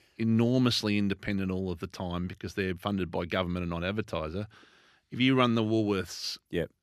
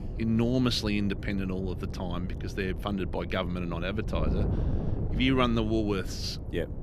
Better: first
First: none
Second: wind noise on the microphone; occasional gusts; 10 dB below the speech

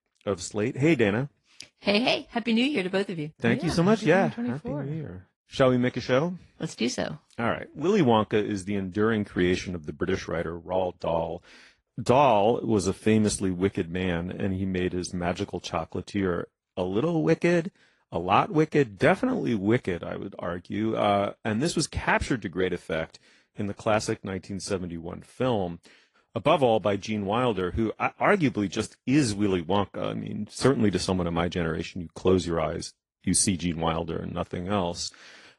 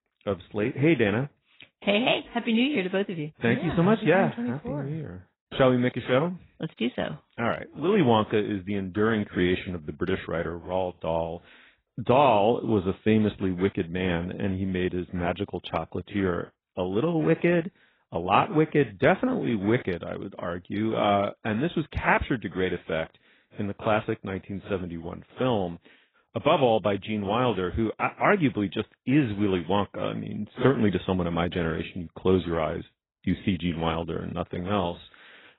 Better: first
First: garbled, watery; slightly; nothing above 10 kHz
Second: garbled, watery; badly; nothing above 4 kHz

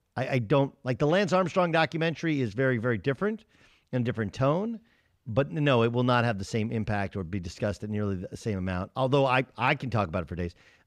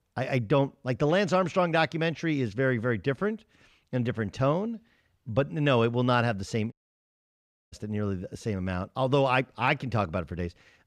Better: first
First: none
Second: audio cutting out; at 6.5 s for 1 s

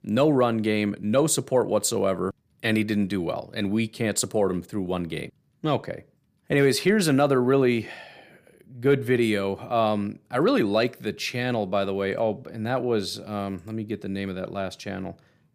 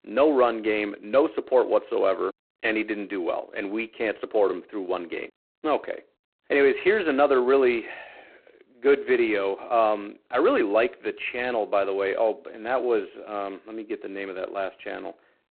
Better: first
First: none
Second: phone-call audio; poor line; nothing above 4 kHz

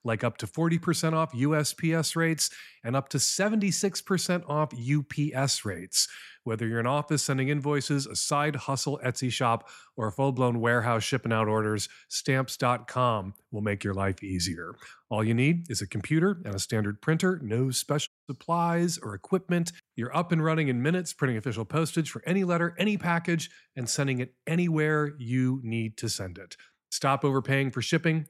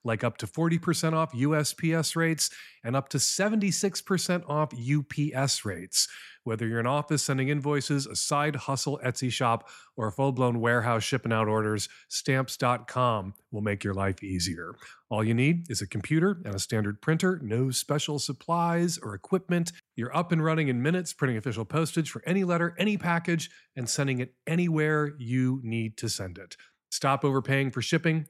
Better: second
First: audio cutting out; at 18 s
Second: none

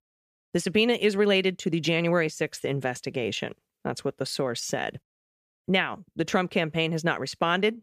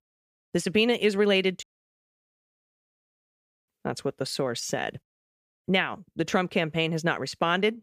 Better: first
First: none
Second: audio cutting out; at 1.5 s for 2 s

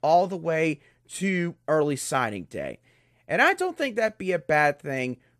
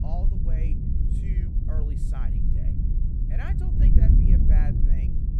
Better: first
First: none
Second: wind noise on the microphone; heavy; 4 dB above the speech

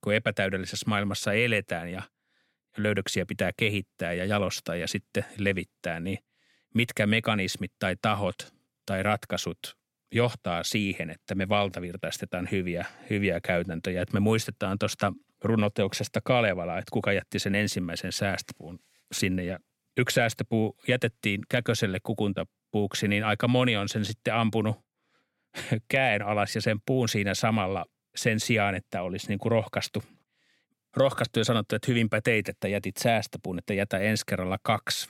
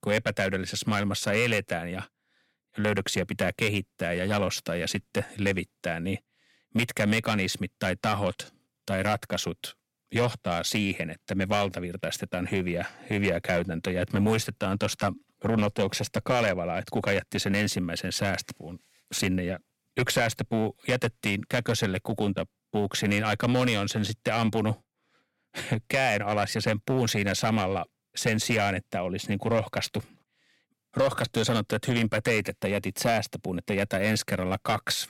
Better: first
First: none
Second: distortion; slight; 4% of the sound clipped

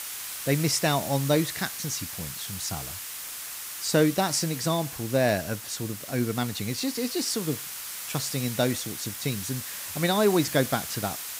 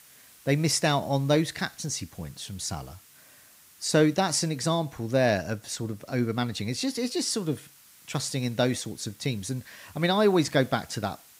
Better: second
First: hiss; loud; throughout; 7 dB below the speech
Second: hiss; faint; throughout; 25 dB below the speech

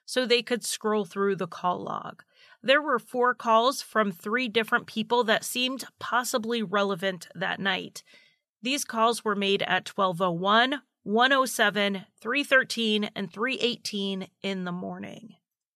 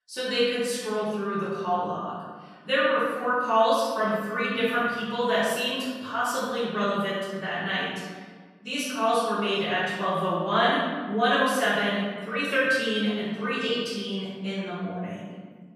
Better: first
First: none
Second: off-mic speech; far // room echo; strong; dies away in 1.4 s

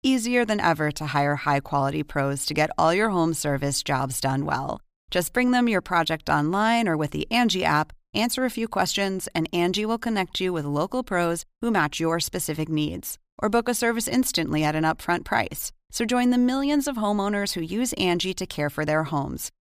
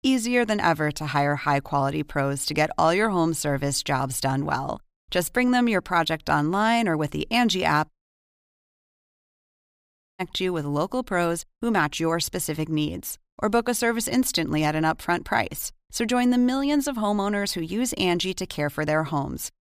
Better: first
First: none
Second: audio cutting out; at 8 s for 2.5 s

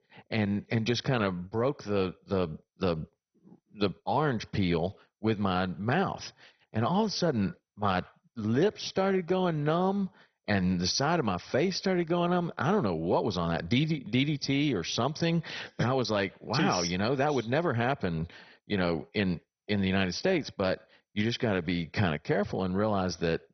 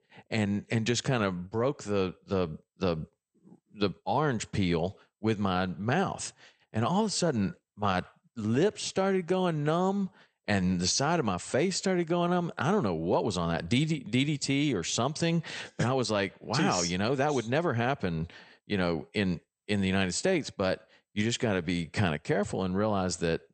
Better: second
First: garbled, watery; badly; nothing above 6 kHz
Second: garbled, watery; slightly; nothing above 8.5 kHz

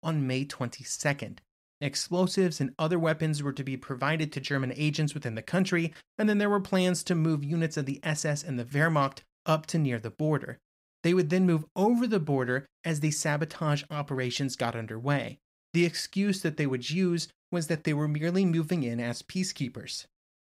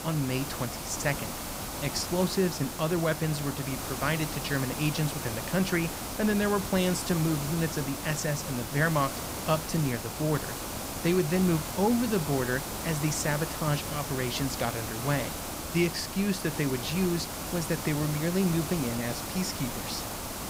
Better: first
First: none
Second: hiss; loud; throughout; 5 dB below the speech

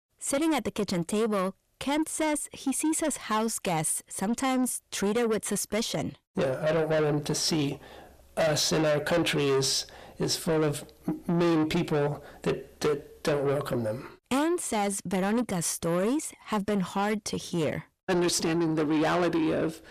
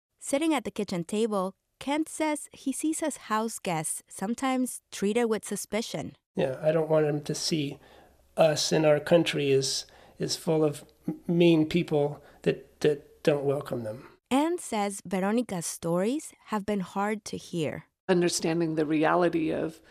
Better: second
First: distortion; heavy; 7 dB below the speech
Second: none

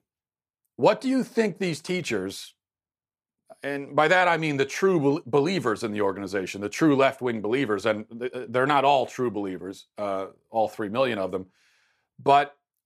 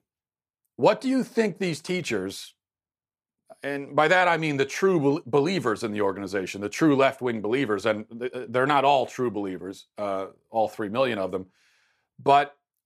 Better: neither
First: none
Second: none

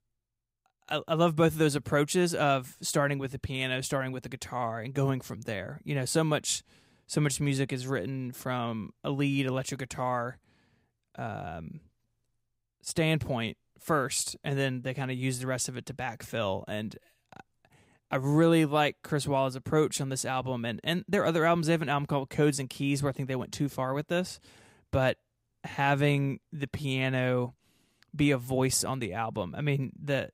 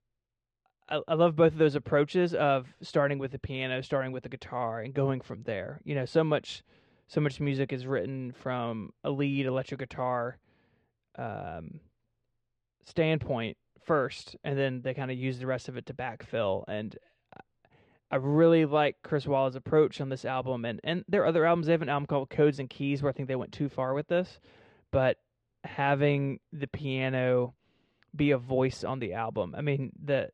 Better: first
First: none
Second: muffled; very; fading above 3.5 kHz

